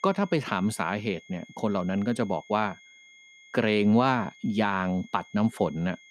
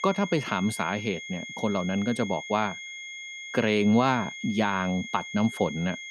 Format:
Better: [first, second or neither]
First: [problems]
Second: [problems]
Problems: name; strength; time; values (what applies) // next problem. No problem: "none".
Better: first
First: high-pitched whine; faint; throughout; 2 kHz, 25 dB below the speech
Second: high-pitched whine; loud; throughout; 2 kHz, 10 dB below the speech